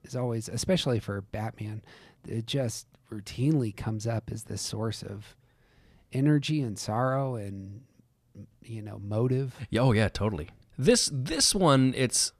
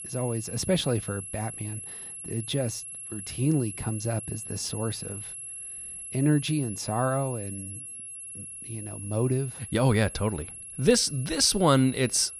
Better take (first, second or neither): first